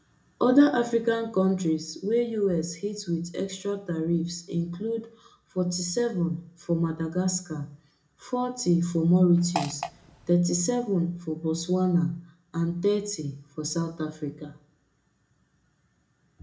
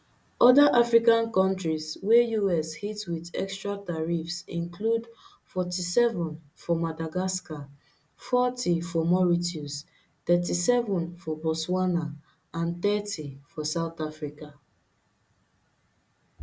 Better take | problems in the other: second | background sound (Fart); 8 dB below the speech // room echo; dies away in 0.4 s

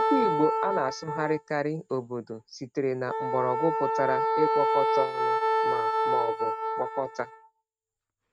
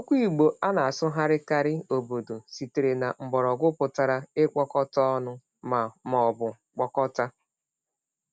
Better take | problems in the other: second | noise reduction (neural mask model RNNoise)

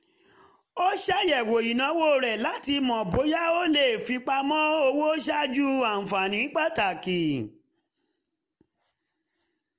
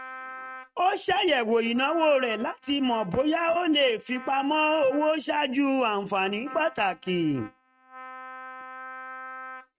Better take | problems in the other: first | noise reduction (neural mask model RNNoise)

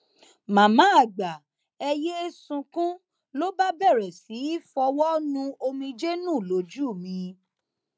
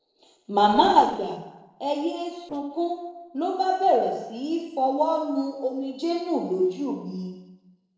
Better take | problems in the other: first | noise reduction (neural separator model SepFormer DNS4)

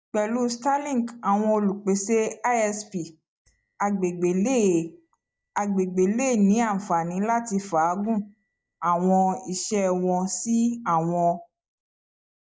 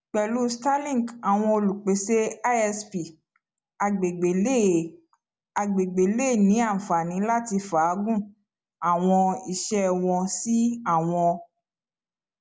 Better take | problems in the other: second | noise reduction (neural mask model DeepFilterNet 3)

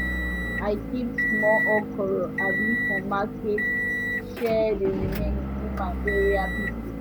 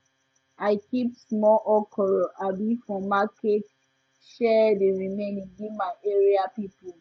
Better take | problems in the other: second | background sound (Motor vehicle (road) / Engine); 1 dB above the speech

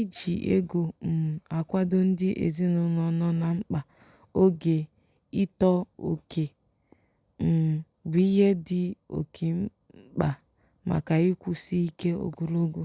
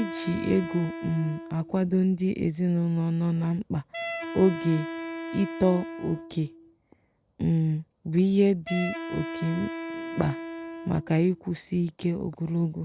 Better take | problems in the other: first | background sound (Wind instrument, woodwind instrument); 11 dB below the speech

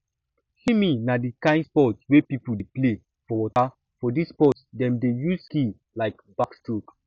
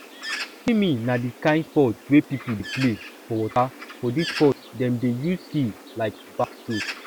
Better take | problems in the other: first | background sound (Bird); 13 dB below the speech

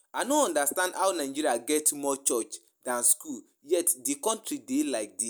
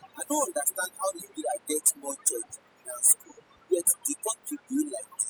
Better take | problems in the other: first | noise reduction (classical method spectral subtraction)

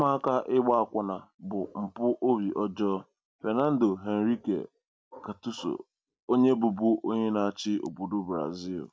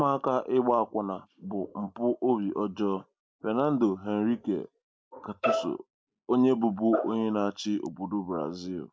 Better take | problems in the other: first | noise reduction (neural mask model Resemble Enhance denoiser)

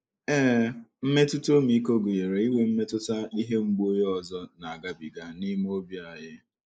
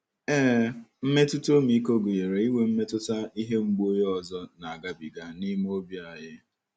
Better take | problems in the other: second | noise reduction (neural mask model Resemble Enhance denoiser)

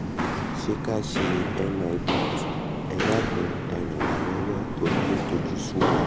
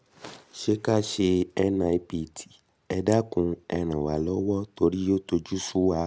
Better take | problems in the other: second | background sound (Walk, footsteps); 3 dB above the speech

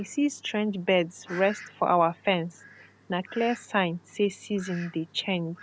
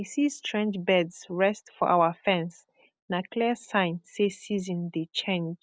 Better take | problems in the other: second | background sound (Fowl); 20 dB below the speech

